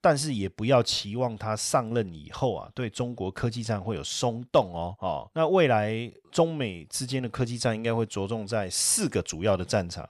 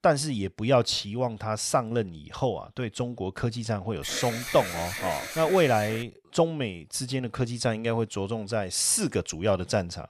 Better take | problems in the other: first | alarm; noticeable; from 4 to 6 s; peak 5 dB below the speech

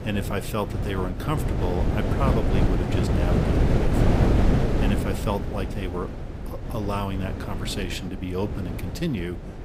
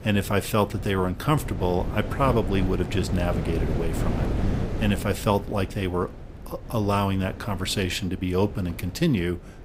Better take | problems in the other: second | wind noise on the microphone; heavy; as loud as the speech; occasional gusts in the second

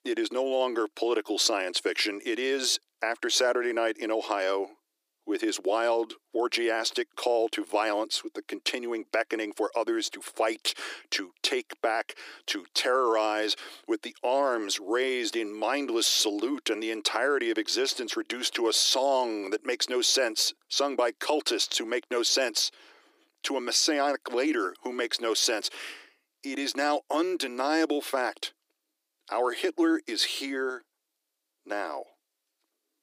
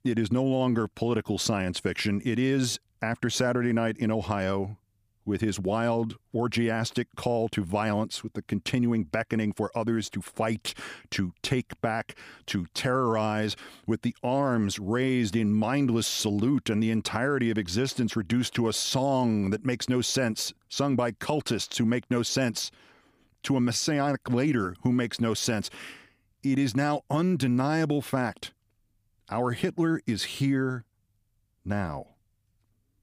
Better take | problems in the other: second | thin; very; fading below 300 Hz

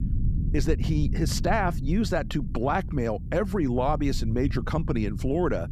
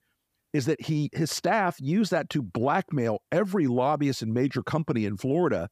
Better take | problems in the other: second | low rumble; noticeable; throughout; 15 dB below the speech

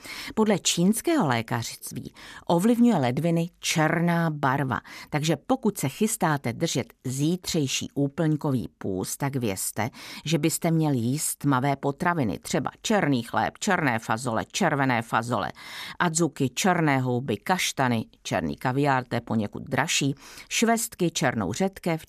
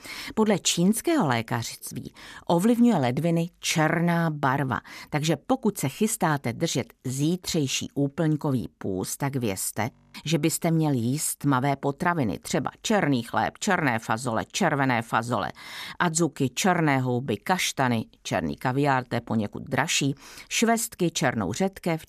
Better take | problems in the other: first | audio freezing; at 10 s

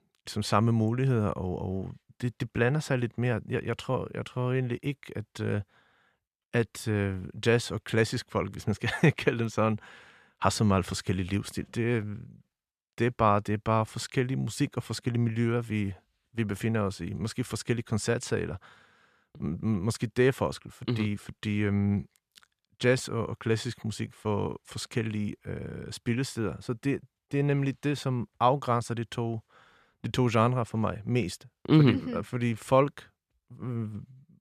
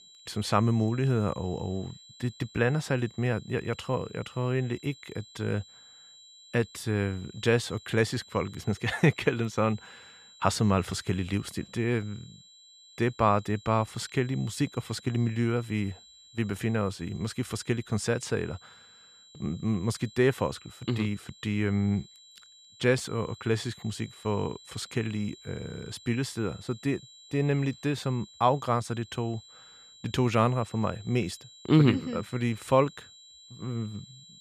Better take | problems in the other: first | high-pitched whine; faint; throughout; 4 kHz, 20 dB below the speech

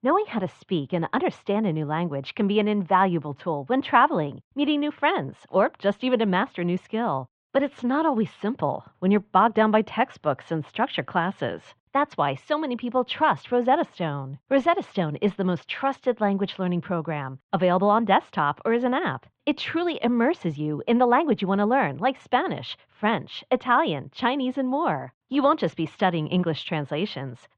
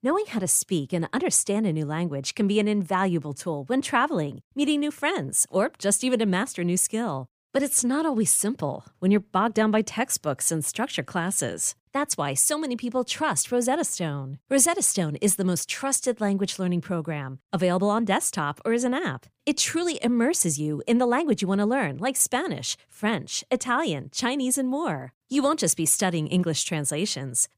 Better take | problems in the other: second | muffled; very; fading above 3.5 kHz

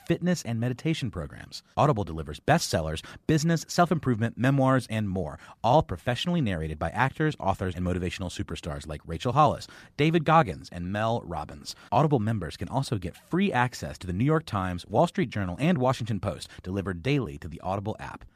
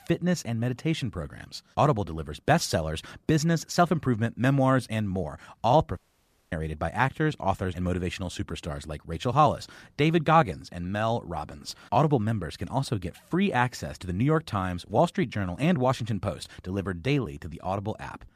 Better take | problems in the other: first | audio cutting out; at 6 s for 0.5 s

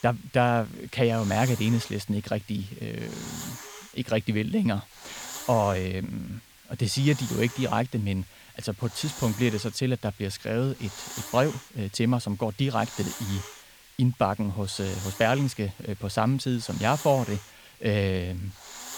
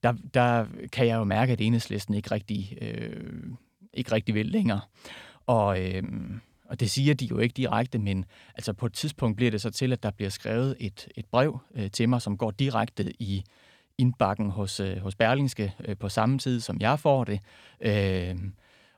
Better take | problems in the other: second | hiss; noticeable; throughout; 15 dB below the speech

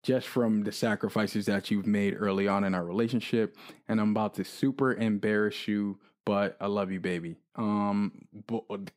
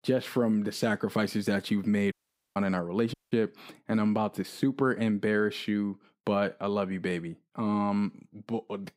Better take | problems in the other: first | audio cutting out; at 2 s and at 3 s

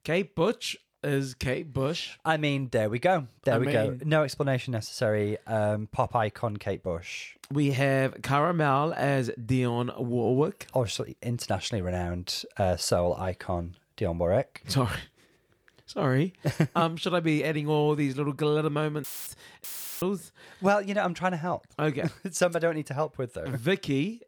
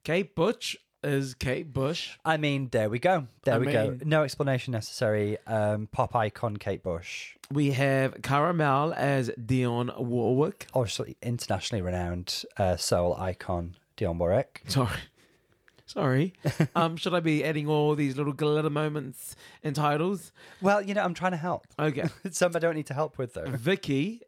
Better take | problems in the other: second | audio cutting out; filled with static; at 19 s and at 20 s

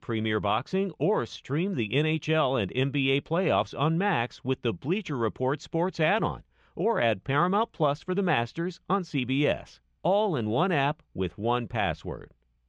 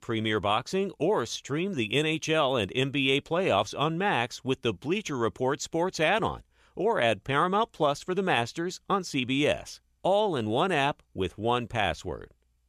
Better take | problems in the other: second | muffled; slightly; fading above 3.5 kHz

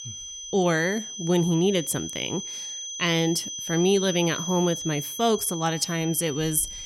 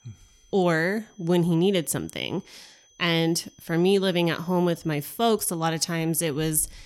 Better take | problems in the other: second | high-pitched whine; loud; throughout; 6 kHz, 8 dB below the speech; faint in the second

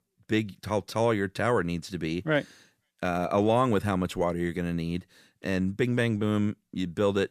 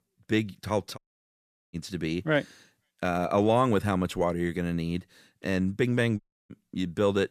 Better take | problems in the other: first | audio cutting out; at 1 s for 1 s and at 6 s

